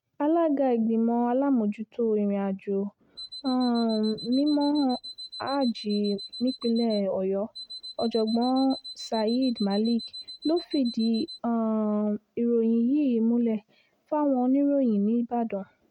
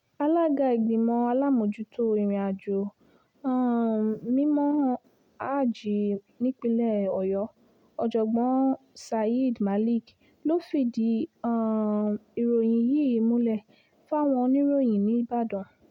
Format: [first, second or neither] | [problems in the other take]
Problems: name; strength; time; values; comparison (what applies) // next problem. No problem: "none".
second | noise reduction (neural mask model RNNoise)